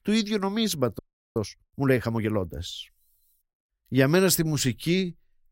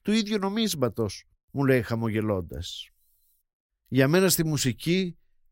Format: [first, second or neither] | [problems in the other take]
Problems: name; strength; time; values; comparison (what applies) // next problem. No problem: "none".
second | audio freezing; at 1 s